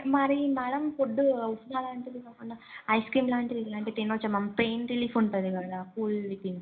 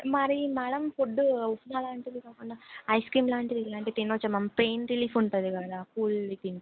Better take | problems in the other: second | room echo; dies away in 0.4 s

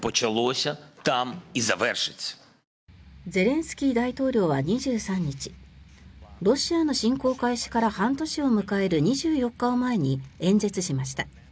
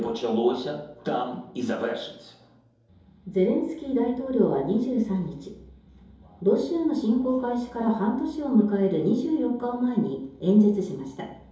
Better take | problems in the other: first | room echo; dies away in 2.8 s

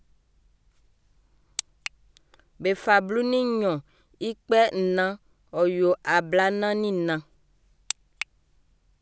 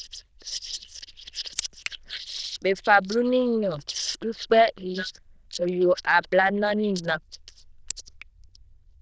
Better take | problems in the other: first | noise reduction (neural diffusion model UNIVERSE++)

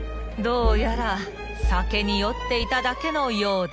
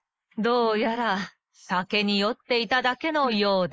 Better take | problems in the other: first | noise reduction (neural mask model Resemble Enhance denoiser)

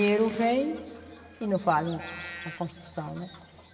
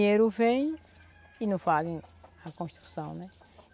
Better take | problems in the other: second | background sound (Bird vocalization, bird call, bird song); 17 dB below the speech // room echo; dies away in 2 s

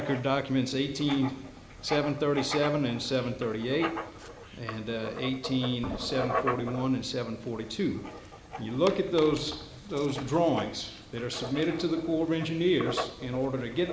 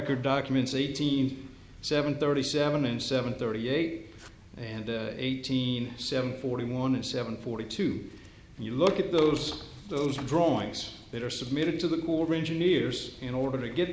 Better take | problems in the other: second | background sound (Organ + Writing); 10 dB below the speech

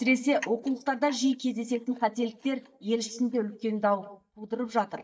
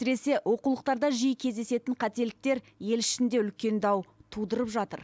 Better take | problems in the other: second | noise reduction (neural mask model DeepFilterNet 3)

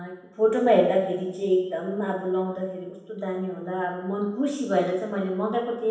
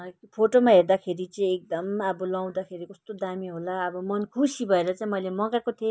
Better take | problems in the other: second | room echo; dies away in 0.9 s

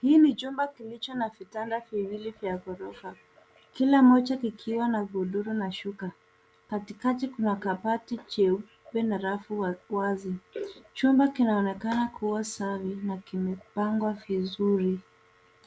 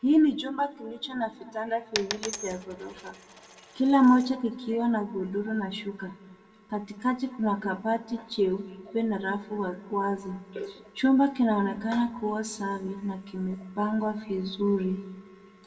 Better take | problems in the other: first | background sound (Coin (dropping)); 12 dB below the speech // room echo; dies away in 1.2 s

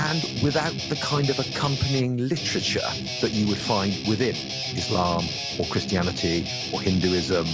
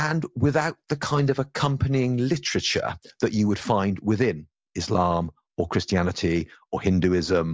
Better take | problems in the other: second | background sound (Guitar); 5 dB below the speech

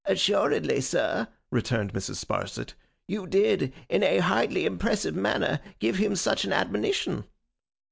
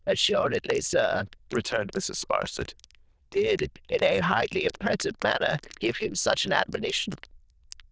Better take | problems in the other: first | noise reduction (neural diffusion model UNIVERSE++)

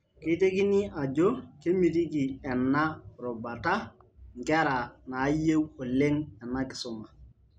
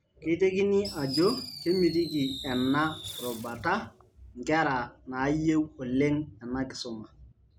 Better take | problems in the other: first | background sound (Fireworks); 12 dB below the speech

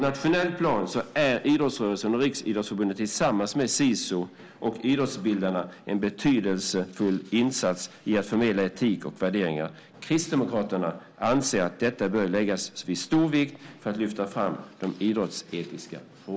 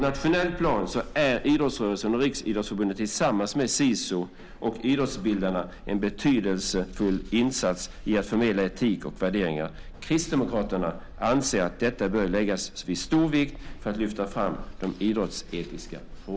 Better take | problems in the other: first | background sound (Bark); 15 dB below the speech

